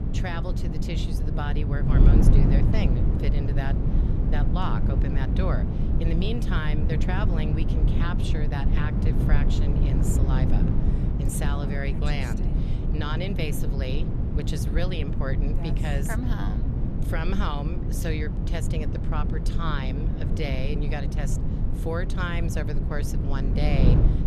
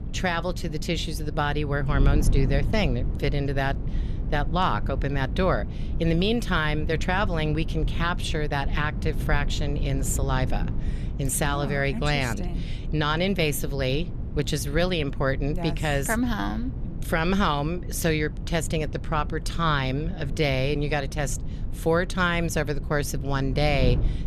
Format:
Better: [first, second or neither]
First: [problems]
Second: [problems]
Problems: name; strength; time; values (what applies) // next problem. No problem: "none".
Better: second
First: wind noise on the microphone; heavy; 2 dB below the speech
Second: wind noise on the microphone; occasional gusts; 15 dB below the speech